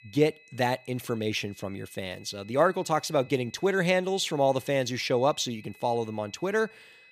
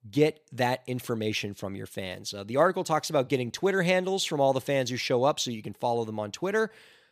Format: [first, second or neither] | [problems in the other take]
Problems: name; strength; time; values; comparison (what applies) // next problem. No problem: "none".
second | high-pitched whine; faint; throughout; 2.5 kHz, 25 dB below the speech